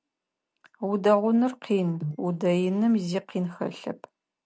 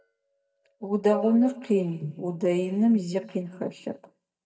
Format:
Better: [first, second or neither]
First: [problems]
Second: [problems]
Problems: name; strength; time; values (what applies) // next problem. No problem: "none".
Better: first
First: none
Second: noise reduction (neural mask model DeepFilterNet 3)